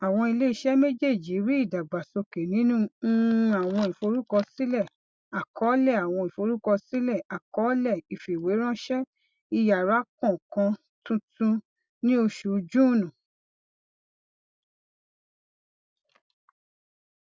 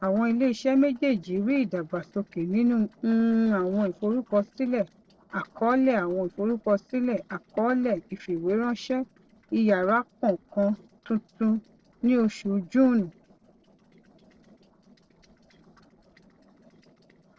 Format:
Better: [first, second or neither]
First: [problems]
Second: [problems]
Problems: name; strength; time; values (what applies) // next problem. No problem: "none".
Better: first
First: none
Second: noise reduction (neural separator model SepFormer DNS4)